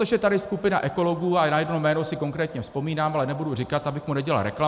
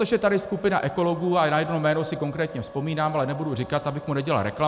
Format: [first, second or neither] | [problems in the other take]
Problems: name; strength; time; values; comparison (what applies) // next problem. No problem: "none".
first | background sound (Wind instrument, woodwind instrument); 20 dB below the speech